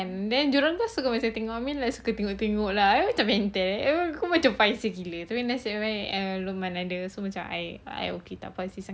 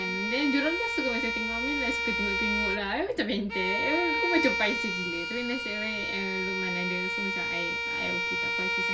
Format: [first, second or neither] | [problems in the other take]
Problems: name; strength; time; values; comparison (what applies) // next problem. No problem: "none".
first | background sound (Bowed string instrument); 2 dB above the speech // room echo; dies away in 0.2 s